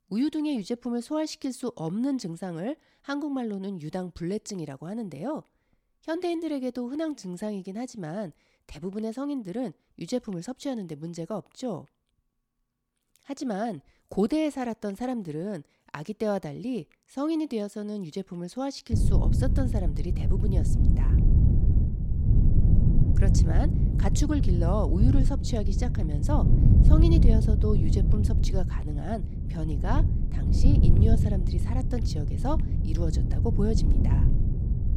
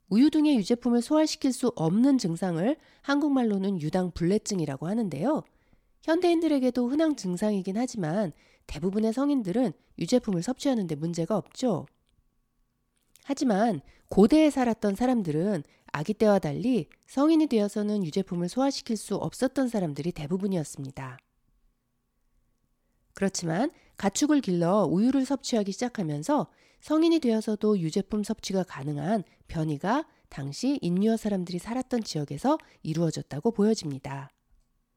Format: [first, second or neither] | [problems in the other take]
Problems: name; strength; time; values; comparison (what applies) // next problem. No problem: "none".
second | wind noise on the microphone; heavy; from 19 s on; 4 dB below the speech